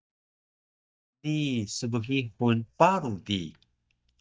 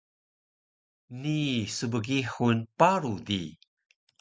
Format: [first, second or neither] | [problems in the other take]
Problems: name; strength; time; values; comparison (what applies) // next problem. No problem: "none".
second | noise reduction (neural mask model DeepFilterNet 3)